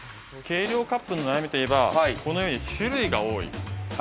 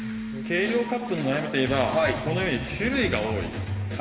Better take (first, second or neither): first